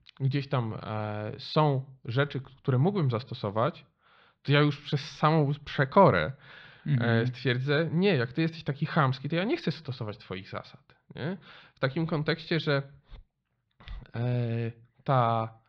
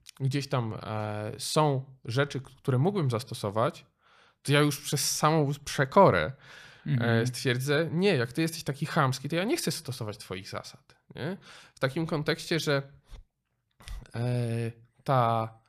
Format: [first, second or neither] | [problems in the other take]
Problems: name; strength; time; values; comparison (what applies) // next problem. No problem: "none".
second | muffled; slightly; fading above 4 kHz